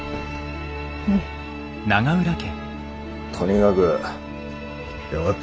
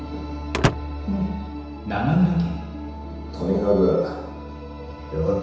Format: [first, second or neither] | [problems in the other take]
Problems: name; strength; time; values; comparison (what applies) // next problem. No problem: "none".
first | background sound (Slam / Wood); 3 dB below the speech // room echo; dies away in 1 s